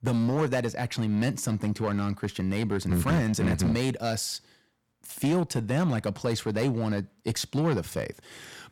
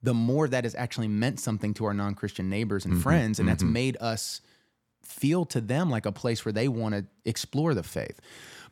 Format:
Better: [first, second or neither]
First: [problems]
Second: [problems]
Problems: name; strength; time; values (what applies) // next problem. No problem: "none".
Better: second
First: distortion; slight; 8% of the sound clipped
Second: none